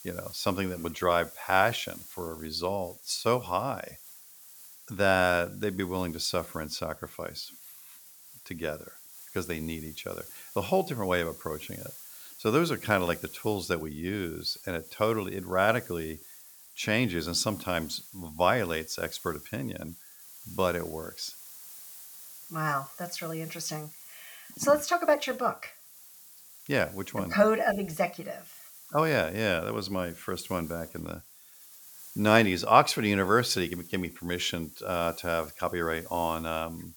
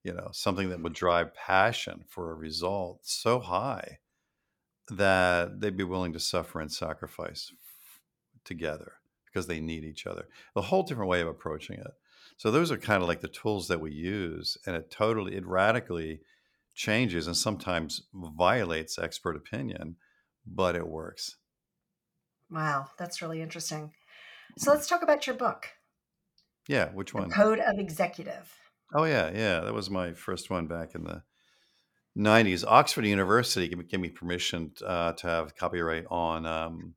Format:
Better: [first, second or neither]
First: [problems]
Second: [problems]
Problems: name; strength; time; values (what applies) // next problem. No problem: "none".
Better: second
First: hiss; noticeable; throughout; 15 dB below the speech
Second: none